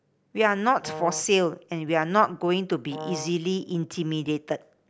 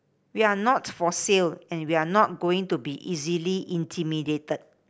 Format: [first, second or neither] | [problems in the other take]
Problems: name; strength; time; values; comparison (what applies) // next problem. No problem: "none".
second | background sound (Brass instrument); 12 dB below the speech